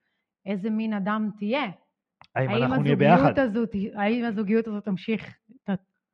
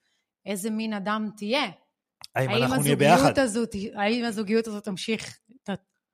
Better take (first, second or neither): second